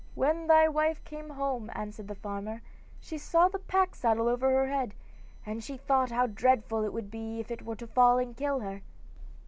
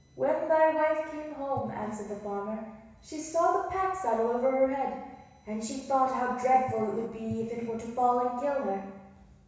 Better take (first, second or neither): first